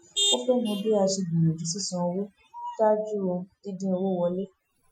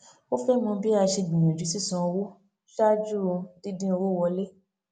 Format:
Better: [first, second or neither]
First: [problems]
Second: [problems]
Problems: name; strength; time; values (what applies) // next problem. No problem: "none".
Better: second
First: noise reduction (classical method Wiener filter)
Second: none